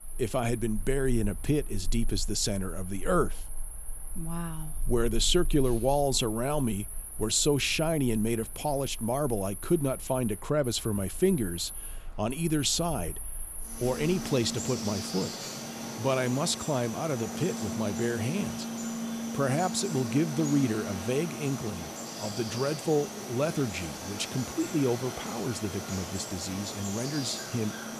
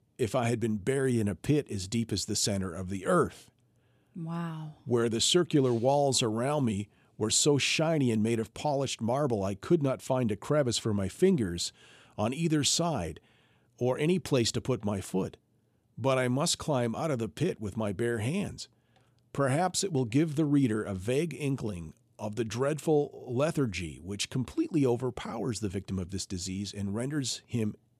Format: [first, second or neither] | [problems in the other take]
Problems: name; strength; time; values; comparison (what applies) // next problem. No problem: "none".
second | animal sounds; loud; throughout; 8 dB below the speech